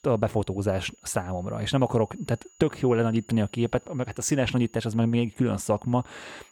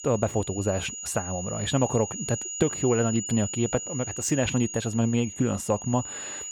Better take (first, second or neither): first